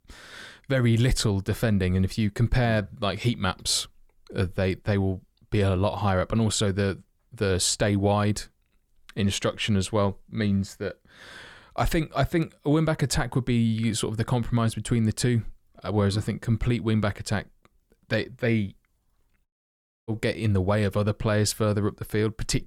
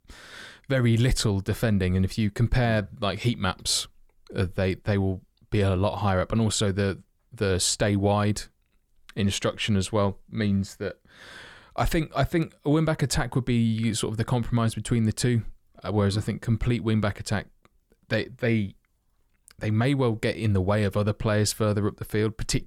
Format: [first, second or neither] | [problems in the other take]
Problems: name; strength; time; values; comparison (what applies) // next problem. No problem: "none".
second | audio cutting out; at 19 s for 0.5 s